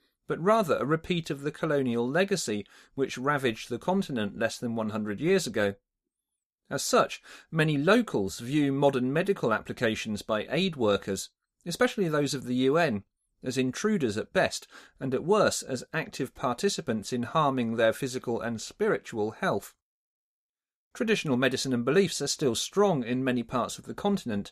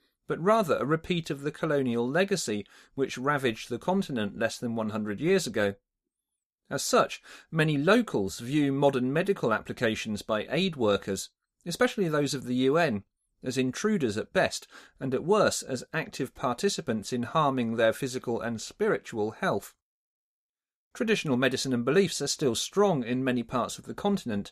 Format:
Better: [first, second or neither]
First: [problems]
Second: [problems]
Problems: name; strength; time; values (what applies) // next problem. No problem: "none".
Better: neither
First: none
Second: none